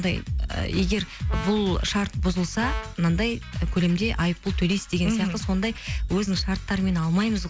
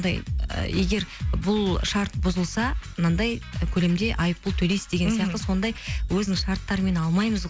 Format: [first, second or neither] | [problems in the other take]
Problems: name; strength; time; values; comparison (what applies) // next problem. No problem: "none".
second | background sound (Brass instrument); 16 dB below the speech